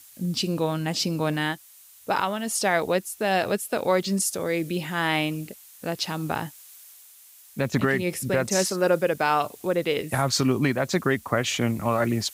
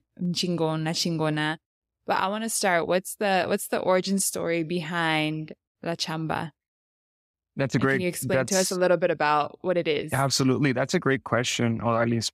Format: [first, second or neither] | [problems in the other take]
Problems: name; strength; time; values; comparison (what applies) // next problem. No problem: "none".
second | hiss; faint; throughout; 20 dB below the speech